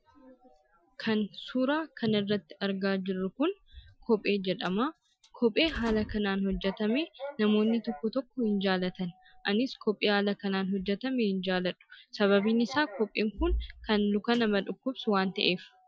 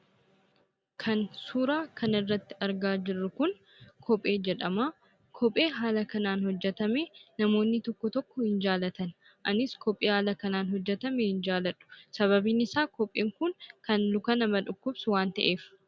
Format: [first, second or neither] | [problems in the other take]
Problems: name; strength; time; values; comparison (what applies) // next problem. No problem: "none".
second | noise reduction (classical method Wiener filter)